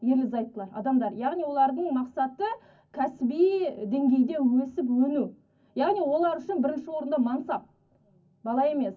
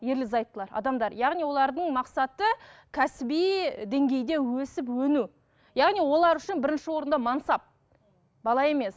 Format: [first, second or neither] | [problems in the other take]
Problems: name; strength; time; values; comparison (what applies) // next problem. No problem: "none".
second | room echo; dies away in 0.3 s